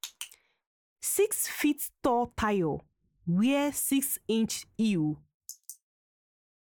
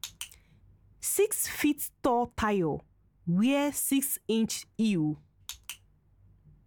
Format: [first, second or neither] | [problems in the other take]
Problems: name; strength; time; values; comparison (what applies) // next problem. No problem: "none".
second | noise reduction (neural mask model Resemble Enhance denoiser)